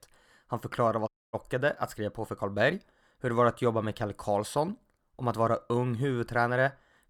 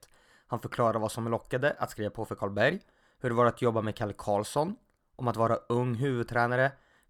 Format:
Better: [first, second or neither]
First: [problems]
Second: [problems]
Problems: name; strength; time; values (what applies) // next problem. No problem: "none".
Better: second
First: audio cutting out; at 1 s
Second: none